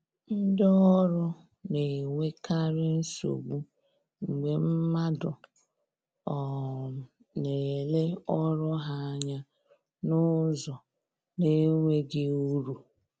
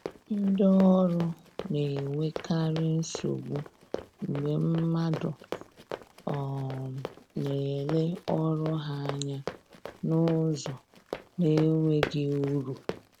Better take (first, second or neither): first